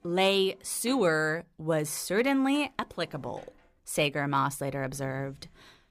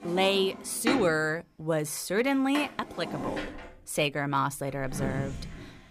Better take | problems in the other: first | household noises; loud; throughout; 7 dB below the speech; faint in the first

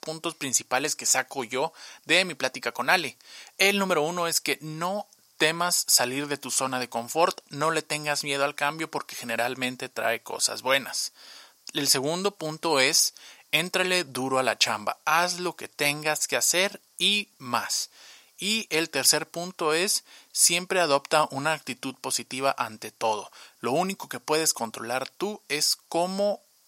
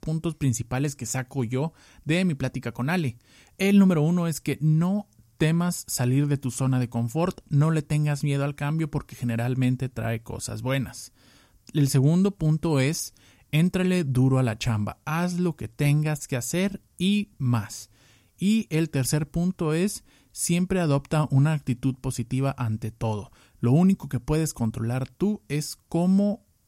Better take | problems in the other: second | thin; very; fading below 700 Hz

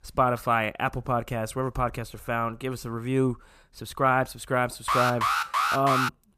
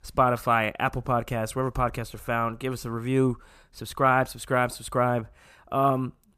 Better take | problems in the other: second | alarm; loud; from 5 s on; peak 3 dB above the speech

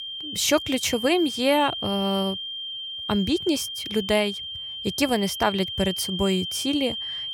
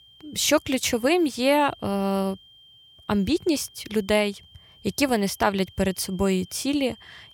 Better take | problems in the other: second | high-pitched whine; loud; throughout; 3 kHz, 6 dB below the speech; faint in the second

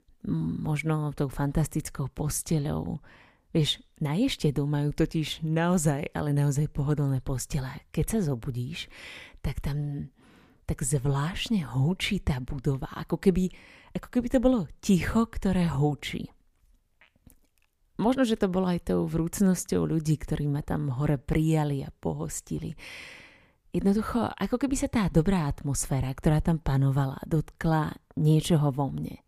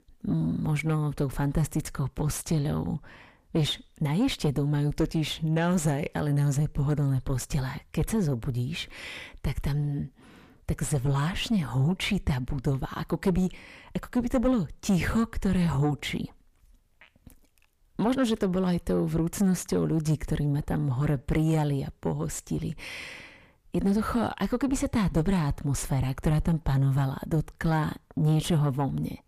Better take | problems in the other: first | distortion; slight; 10 dB below the speech

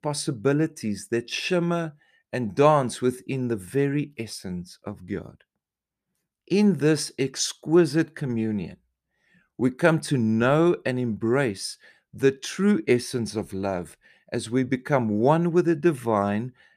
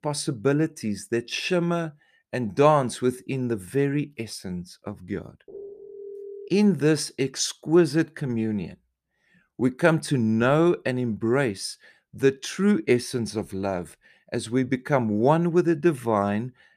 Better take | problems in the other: first | phone ringing; faint; from 5.5 to 6.5 s; peak 15 dB below the speech

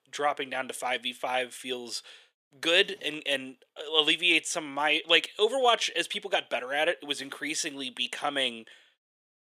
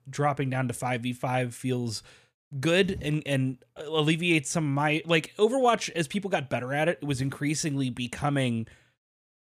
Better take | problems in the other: second | thin; very; fading below 400 Hz

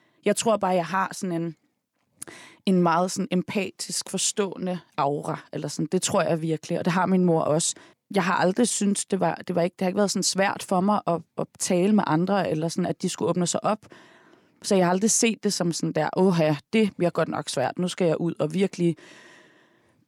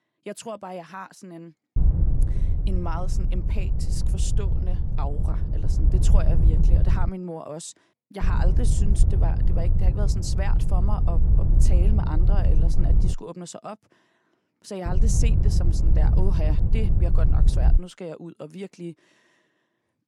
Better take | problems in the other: first | wind noise on the microphone; heavy; from 2 to 7 s, from 8 to 13 s and from 15 to 18 s; 3 dB below the speech

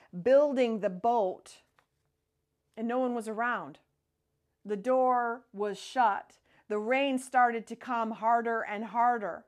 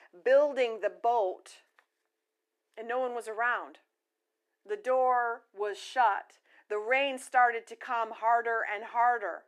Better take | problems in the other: first | thin; somewhat; fading below 350 Hz

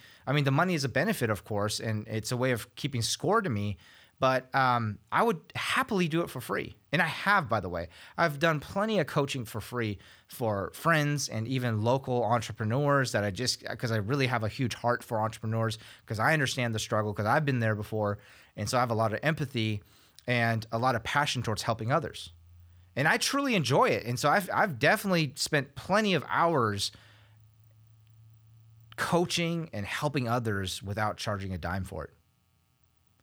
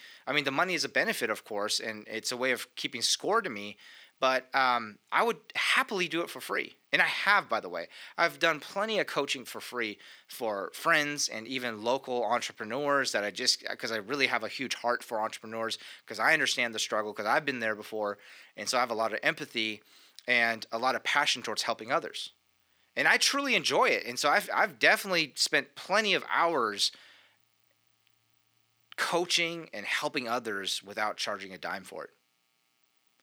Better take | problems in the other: first | thin; somewhat; fading below 250 Hz

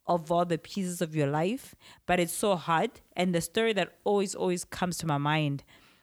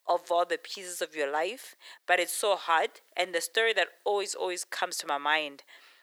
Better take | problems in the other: first | thin; very; fading below 450 Hz

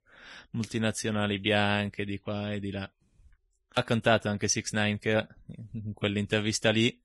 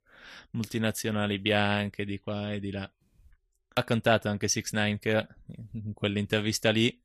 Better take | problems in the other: second | garbled, watery; badly; nothing above 11.5 kHz; slightly in the second

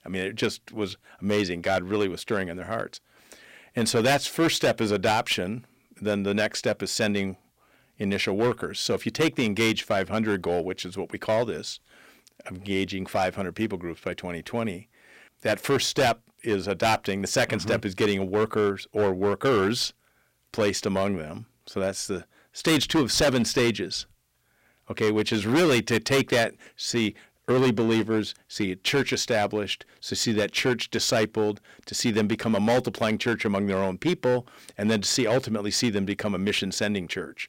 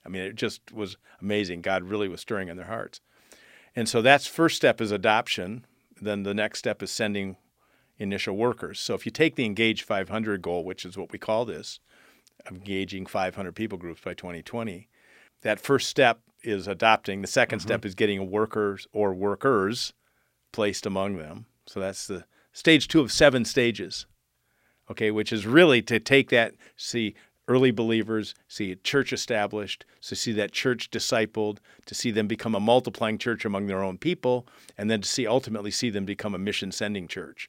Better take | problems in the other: second | distortion; heavy; 7% of the sound clipped

